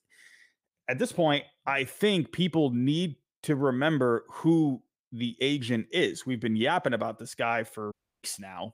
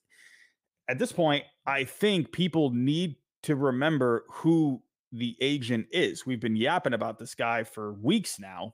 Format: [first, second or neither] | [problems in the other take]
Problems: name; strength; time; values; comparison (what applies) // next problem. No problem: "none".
second | audio cutting out; at 8 s